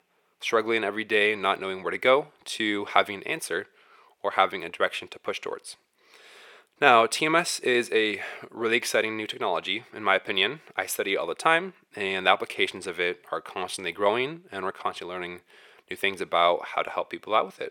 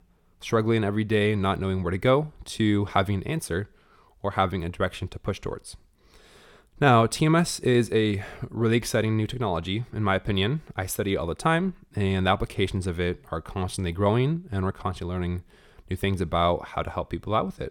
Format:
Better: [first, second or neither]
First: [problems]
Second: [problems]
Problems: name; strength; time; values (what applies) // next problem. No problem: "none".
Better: second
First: thin; very; fading below 500 Hz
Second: none